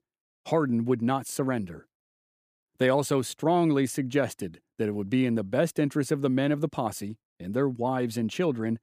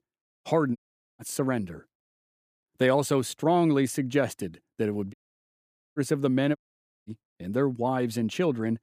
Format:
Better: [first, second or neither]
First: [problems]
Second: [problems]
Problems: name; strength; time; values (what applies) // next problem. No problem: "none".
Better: first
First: none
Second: audio cutting out; at 1 s, at 5 s for 1 s and at 6.5 s for 0.5 s